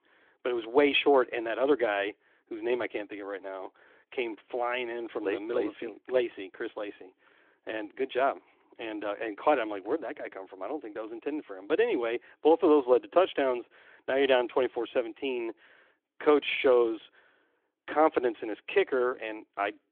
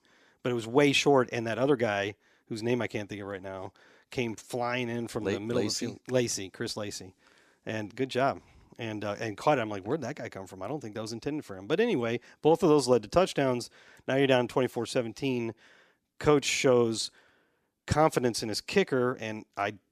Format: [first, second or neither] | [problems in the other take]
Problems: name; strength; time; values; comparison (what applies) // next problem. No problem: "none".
second | phone-call audio; nothing above 3.5 kHz